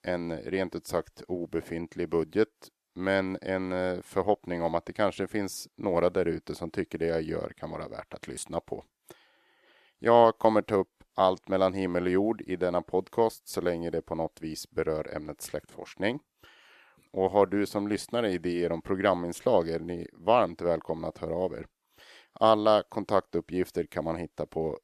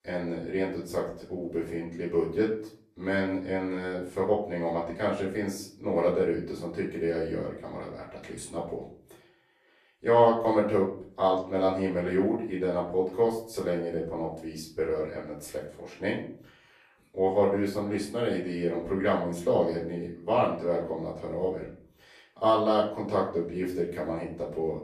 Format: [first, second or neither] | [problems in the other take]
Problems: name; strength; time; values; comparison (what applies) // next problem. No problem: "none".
first | room echo; slight; dies away in 0.5 s // off-mic speech; far